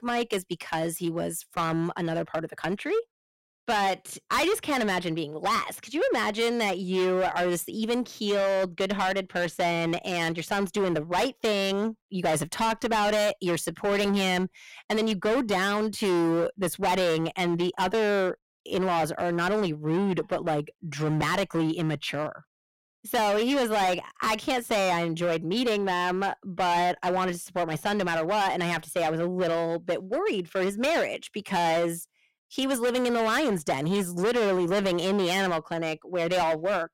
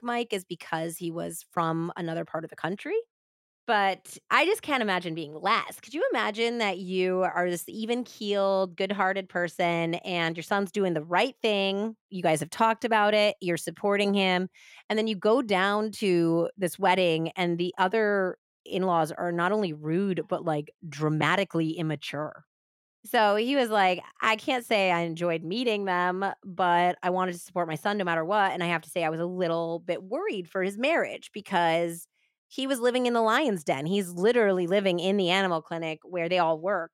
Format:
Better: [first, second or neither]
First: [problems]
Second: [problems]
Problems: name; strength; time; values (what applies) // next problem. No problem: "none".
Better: second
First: distortion; heavy; 18% of the sound clipped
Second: none